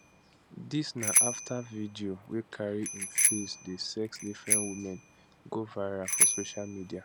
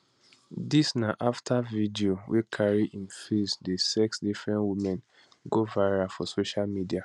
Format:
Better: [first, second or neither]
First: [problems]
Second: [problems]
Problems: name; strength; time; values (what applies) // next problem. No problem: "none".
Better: second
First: background sound (Bicycle bell); 4 dB above the speech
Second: none